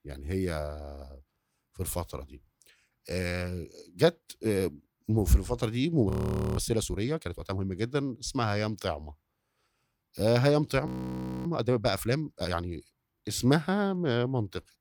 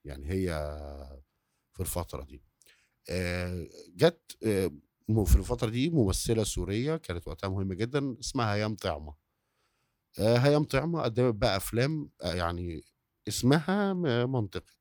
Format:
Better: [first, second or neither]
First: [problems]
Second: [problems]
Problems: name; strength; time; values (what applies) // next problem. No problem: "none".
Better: second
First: audio freezing; at 6 s and at 11 s for 0.5 s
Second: none